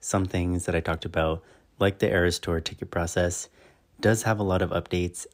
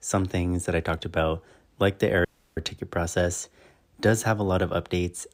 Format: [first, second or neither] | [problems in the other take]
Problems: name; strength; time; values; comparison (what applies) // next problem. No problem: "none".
first | audio cutting out; at 2.5 s